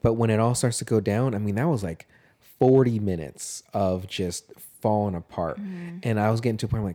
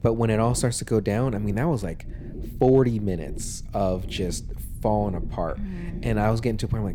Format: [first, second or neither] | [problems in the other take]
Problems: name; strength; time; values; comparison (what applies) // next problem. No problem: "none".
first | low rumble; faint; throughout; 20 dB below the speech